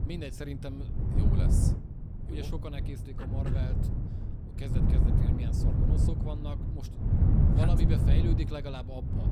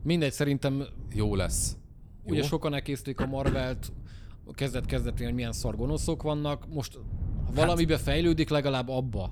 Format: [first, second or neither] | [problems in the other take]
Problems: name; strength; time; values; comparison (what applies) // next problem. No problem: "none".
second | wind noise on the microphone; heavy; 2 dB above the speech; occasional gusts in the second